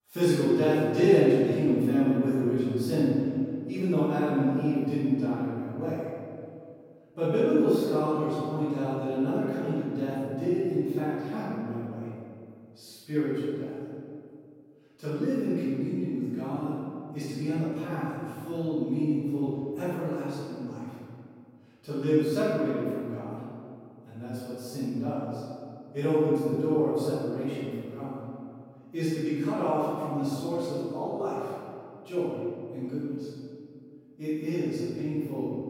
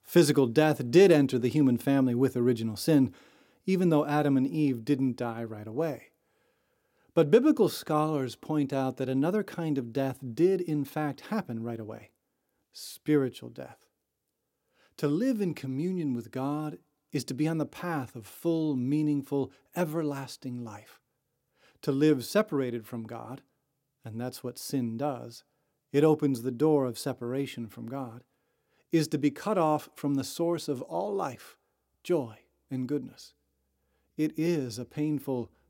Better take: second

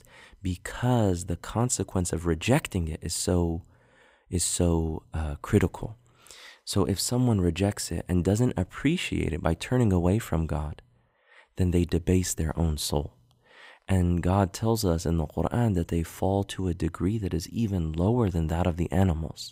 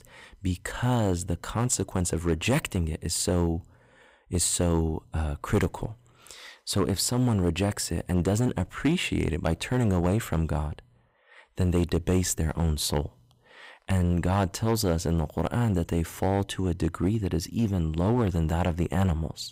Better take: first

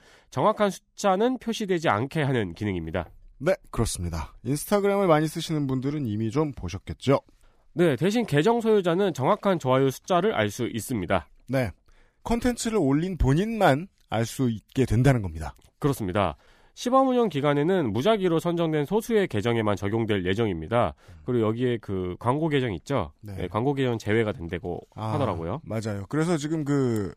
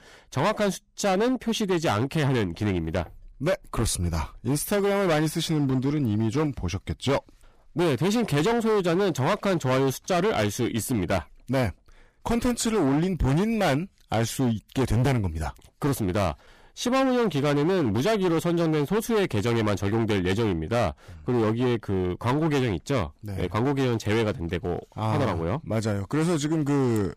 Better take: first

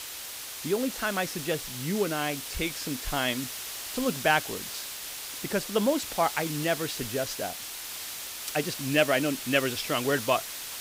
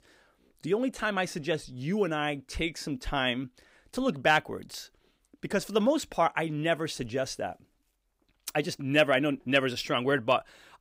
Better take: second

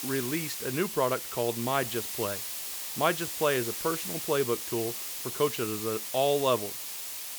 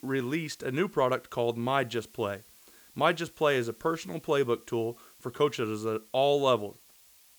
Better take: second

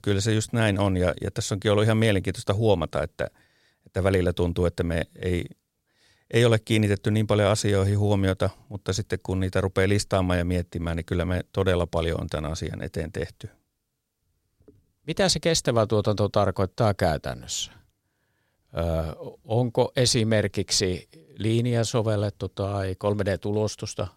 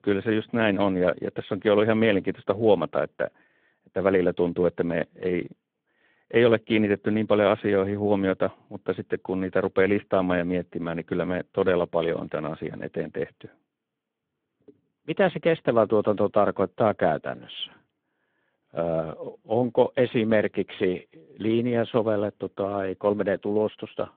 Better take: first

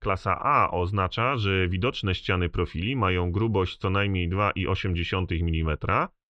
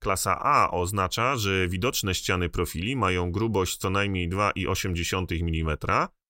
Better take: second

